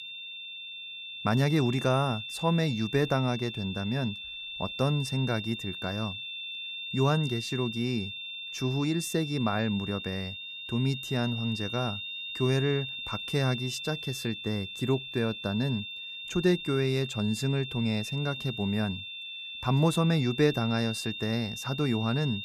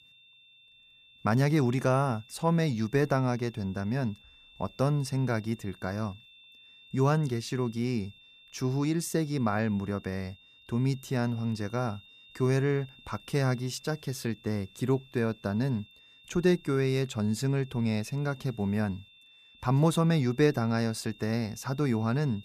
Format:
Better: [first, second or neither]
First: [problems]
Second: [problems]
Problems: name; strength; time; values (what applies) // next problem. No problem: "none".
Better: second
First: high-pitched whine; loud; throughout; 3.5 kHz, 7 dB below the speech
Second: high-pitched whine; faint; throughout; 3.5 kHz, 25 dB below the speech